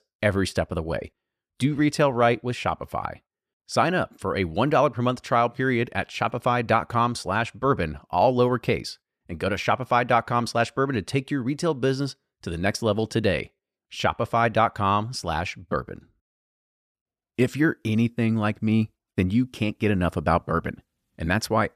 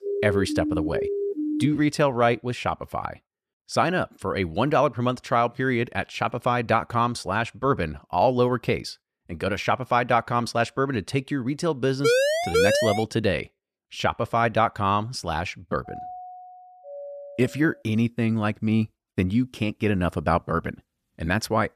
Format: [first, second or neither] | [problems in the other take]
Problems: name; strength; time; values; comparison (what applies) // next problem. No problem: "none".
first | siren; noticeable; until 2 s; peak 2 dB below the speech // siren; loud; from 12 to 13 s; peak 4 dB above the speech // doorbell; faint; from 16 to 18 s; peak 15 dB below the speech